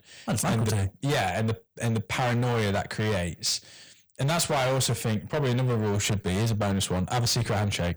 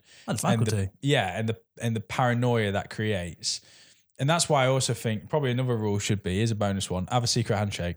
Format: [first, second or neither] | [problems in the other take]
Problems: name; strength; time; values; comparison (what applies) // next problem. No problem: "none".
second | distortion; heavy; 24% of the sound clipped